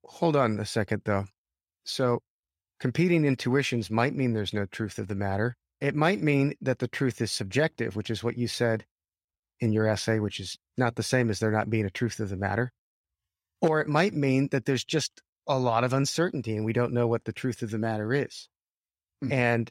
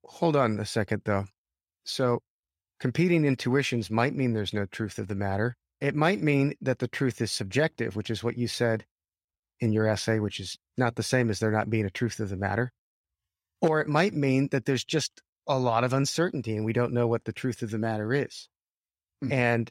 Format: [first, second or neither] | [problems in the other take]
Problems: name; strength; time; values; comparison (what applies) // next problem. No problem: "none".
neither | none